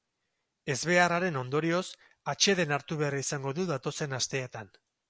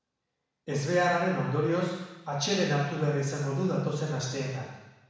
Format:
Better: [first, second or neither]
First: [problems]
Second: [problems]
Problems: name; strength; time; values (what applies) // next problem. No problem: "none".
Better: first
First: none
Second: room echo; dies away in 1.1 s